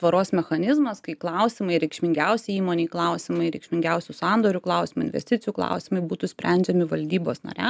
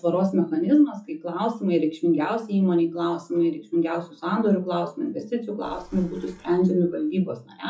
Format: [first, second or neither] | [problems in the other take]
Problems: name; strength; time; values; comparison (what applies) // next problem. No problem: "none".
first | noise reduction (classical method WPE with log-MMSE)